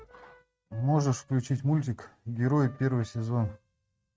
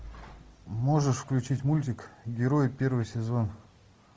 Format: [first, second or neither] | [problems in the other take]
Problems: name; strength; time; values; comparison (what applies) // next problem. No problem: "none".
second | noise reduction (neural mask model RNNoise)